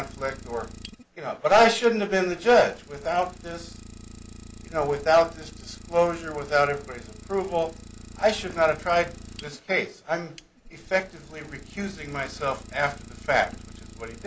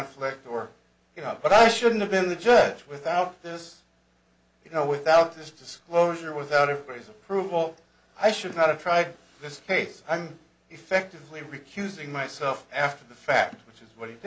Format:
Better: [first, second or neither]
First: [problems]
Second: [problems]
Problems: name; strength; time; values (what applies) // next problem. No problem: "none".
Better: second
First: background sound (Idling); 17 dB below the speech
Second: none